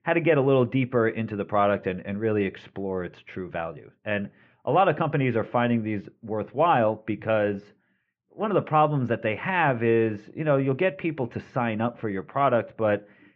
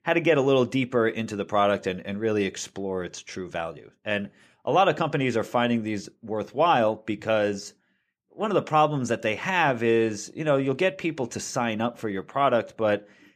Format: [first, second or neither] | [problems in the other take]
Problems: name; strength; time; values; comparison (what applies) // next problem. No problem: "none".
second | muffled; very; fading above 2.5 kHz